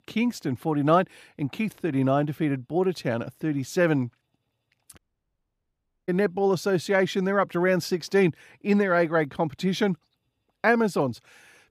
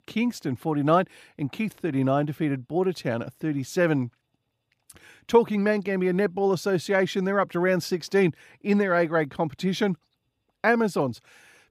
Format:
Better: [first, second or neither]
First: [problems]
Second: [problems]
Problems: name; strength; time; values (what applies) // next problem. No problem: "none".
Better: second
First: audio cutting out; at 5 s for 1 s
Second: none